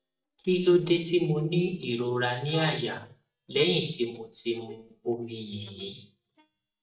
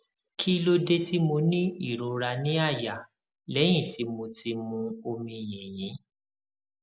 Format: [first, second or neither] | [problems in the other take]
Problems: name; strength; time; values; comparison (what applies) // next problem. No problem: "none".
second | noise reduction (neural mask model DeepFilterNet 3)